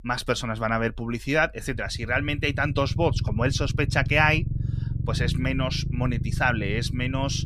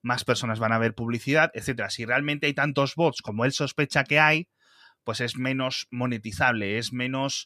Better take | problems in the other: second | low rumble; noticeable; throughout; 15 dB below the speech

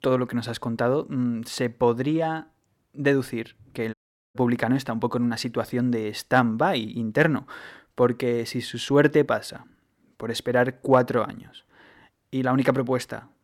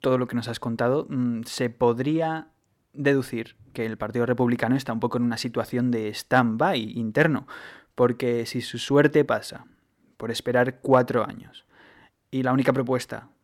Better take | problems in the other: second | audio cutting out; at 4 s

